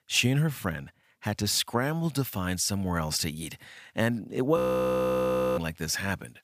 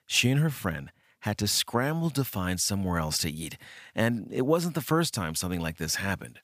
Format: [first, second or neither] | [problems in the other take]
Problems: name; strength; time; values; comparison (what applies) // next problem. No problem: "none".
second | audio freezing; at 4.5 s for 1 s